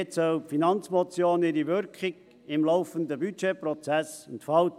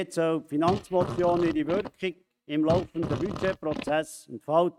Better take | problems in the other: first | noise reduction (neural mask model RNNoise)

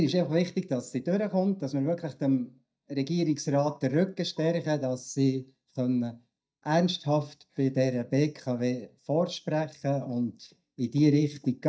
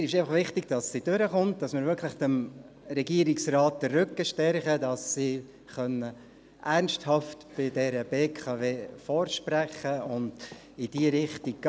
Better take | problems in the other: second | noise reduction (neural mask model DeepFilterNet 3)

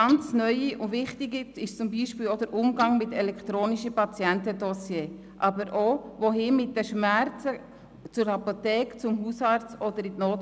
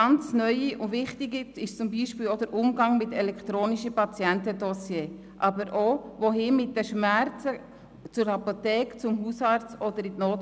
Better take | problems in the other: second | background sound (Guitar); 19 dB below the speech

